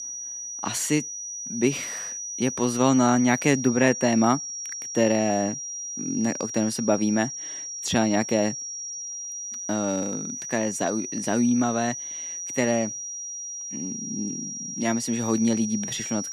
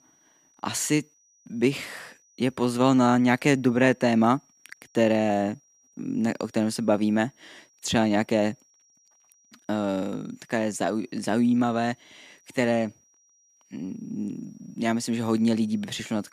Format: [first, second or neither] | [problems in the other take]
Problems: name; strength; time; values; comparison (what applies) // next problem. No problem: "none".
second | high-pitched whine; loud; throughout; 6 kHz, 6 dB below the speech; faint in the second